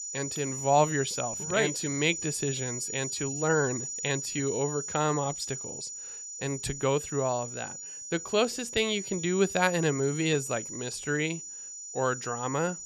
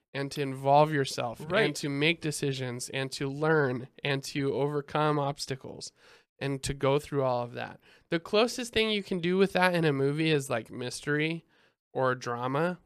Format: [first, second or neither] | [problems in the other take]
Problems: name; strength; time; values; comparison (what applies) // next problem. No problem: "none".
second | high-pitched whine; loud; throughout; 7 kHz, 6 dB below the speech